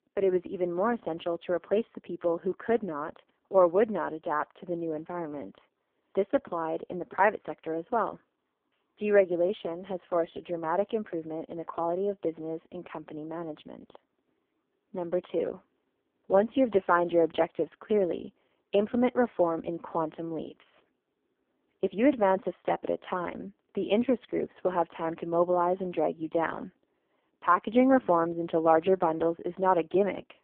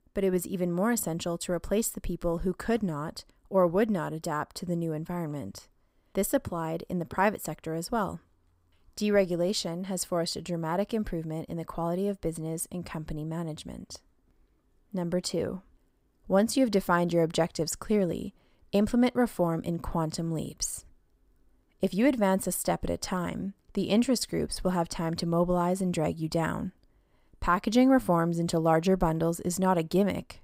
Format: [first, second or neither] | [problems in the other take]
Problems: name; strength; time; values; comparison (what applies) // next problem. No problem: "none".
second | phone-call audio; poor line